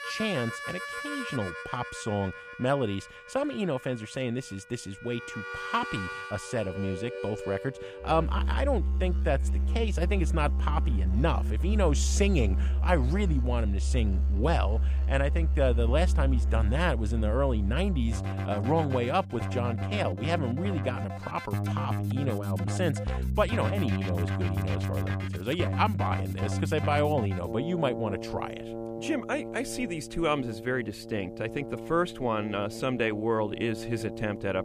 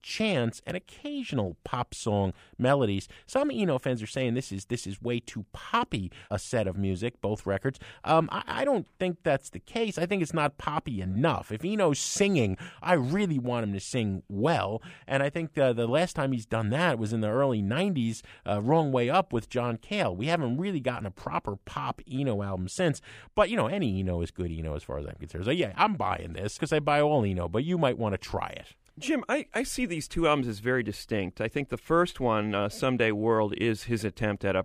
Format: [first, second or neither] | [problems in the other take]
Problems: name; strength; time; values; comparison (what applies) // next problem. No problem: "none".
second | background music; loud; throughout; as loud as the speech